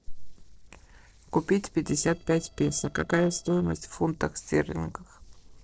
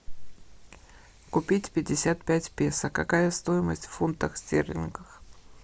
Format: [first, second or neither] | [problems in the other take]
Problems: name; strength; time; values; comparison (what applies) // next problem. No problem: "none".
second | noise reduction (neural separator model SepFormer DNS4)